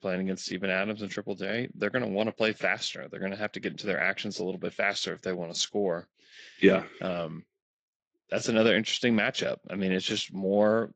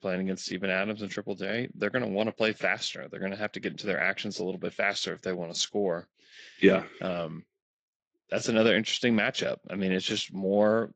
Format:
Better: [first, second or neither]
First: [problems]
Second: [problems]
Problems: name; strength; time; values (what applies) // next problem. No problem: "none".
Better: neither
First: garbled, watery; slightly; nothing above 7.5 kHz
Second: garbled, watery; slightly; nothing above 7.5 kHz